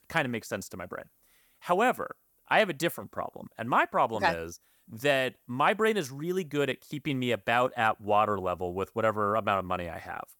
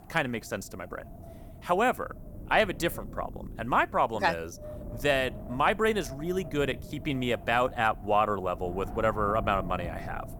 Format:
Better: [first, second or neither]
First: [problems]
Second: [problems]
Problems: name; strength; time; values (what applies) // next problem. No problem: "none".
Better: first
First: none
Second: wind noise on the microphone; occasional gusts; 20 dB below the speech